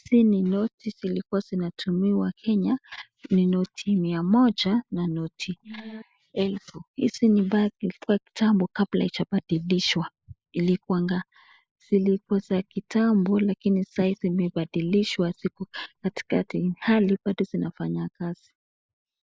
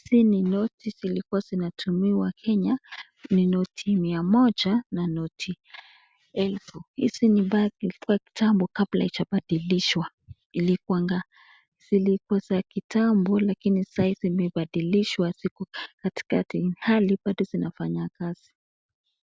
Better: second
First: noise reduction (neural mask model Resemble Enhance denoiser)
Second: none

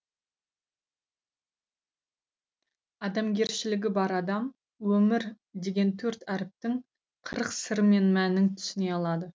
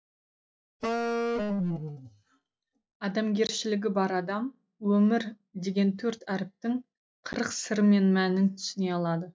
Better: first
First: none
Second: noise reduction (classical method log-MMSE)

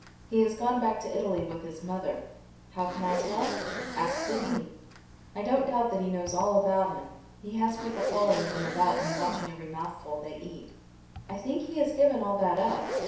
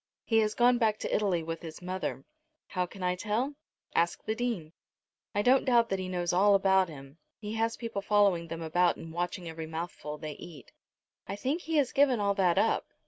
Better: second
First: background sound (Zipper (clothing)); 9 dB below the speech // room echo; dies away in 0.7 s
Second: none

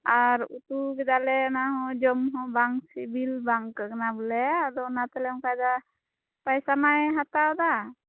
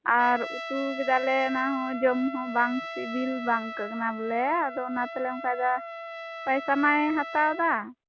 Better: first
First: none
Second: background sound (Trumpet); 11 dB below the speech

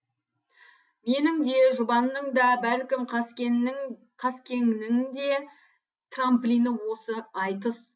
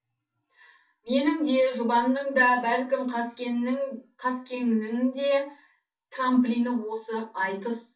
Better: first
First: none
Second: room echo; dies away in 0.2 s

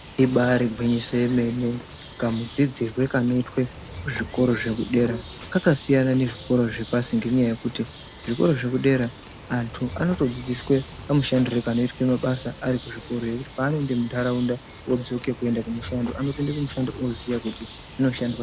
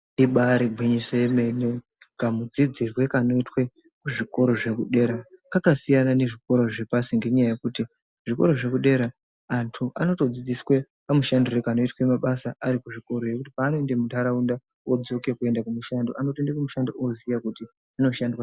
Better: second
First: background sound (Bird); 16 dB below the speech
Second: none

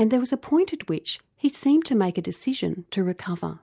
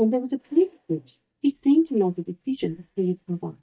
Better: first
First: none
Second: noise reduction (neural mask model DeepFilterNet 3)

